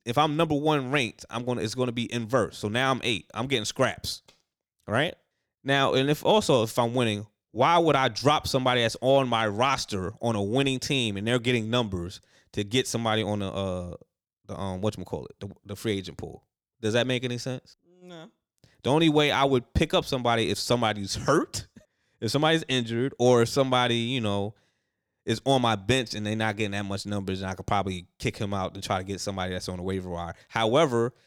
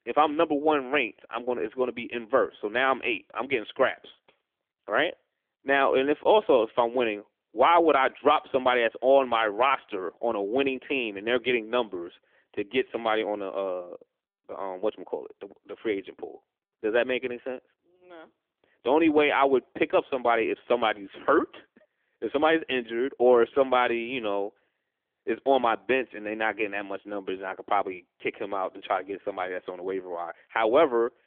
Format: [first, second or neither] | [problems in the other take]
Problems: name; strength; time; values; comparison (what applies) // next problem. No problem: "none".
first | phone-call audio; nothing above 3.5 kHz